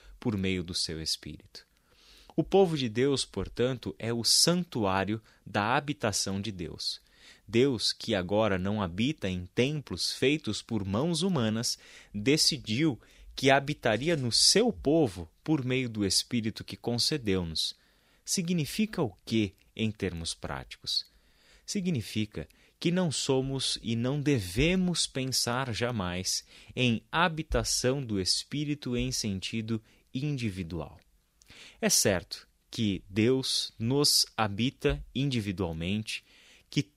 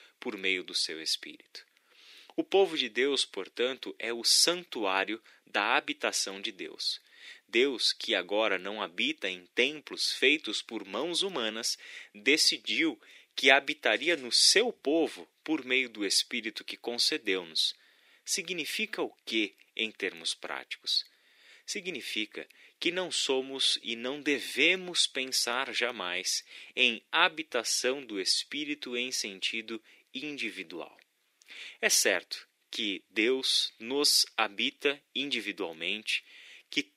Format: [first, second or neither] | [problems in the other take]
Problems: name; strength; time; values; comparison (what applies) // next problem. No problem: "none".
first | thin; somewhat; fading below 300 Hz